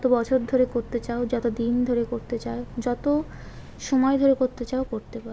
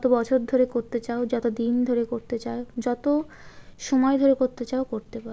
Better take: second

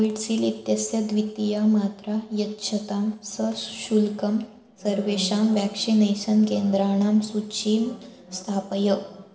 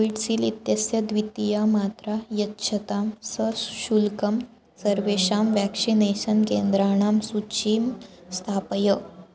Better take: second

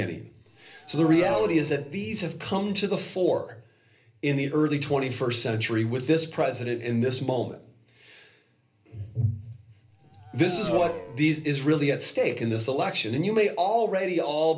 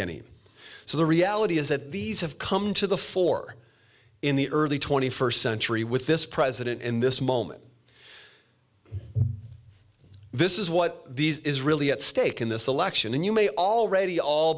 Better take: second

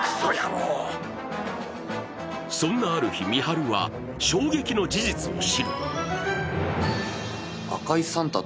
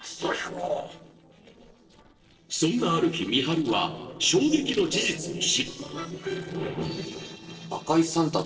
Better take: first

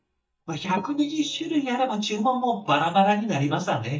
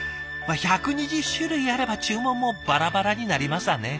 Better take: second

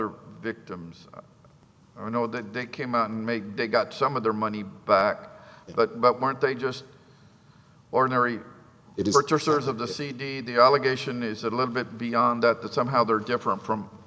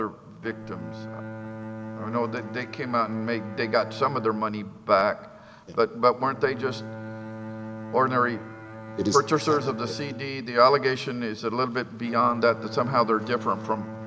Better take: first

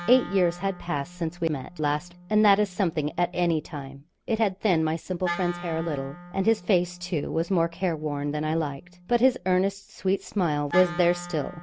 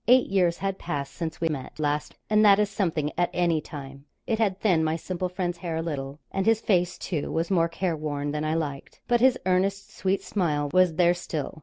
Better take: second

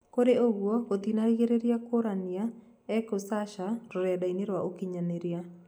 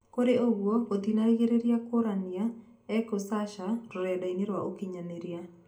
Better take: first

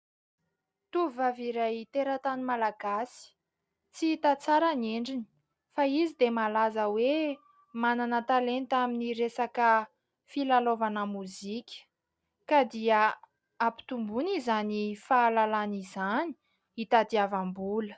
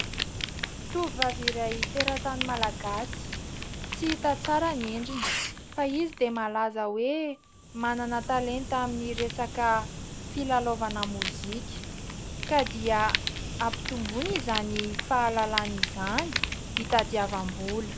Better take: first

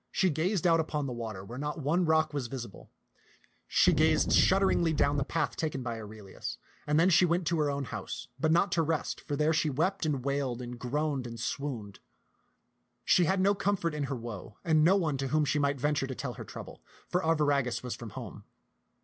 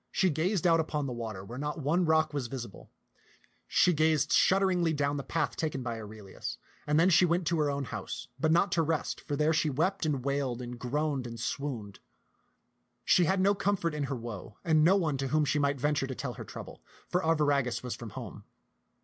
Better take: second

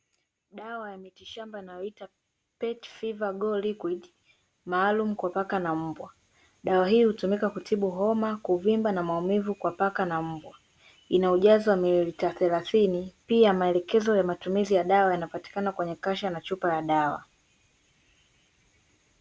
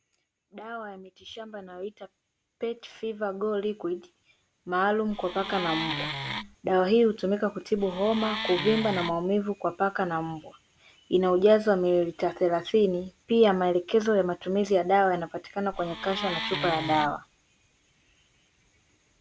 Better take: first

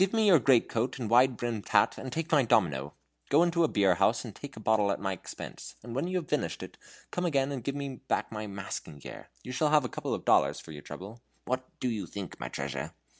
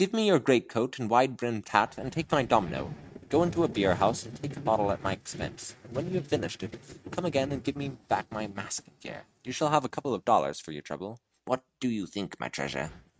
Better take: first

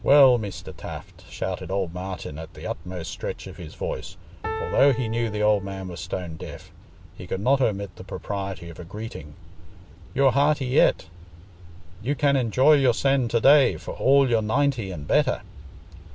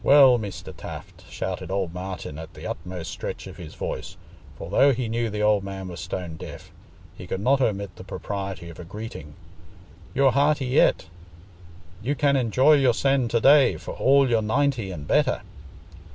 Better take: second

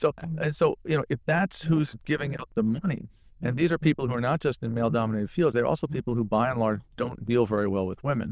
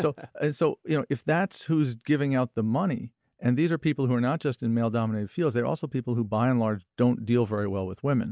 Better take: second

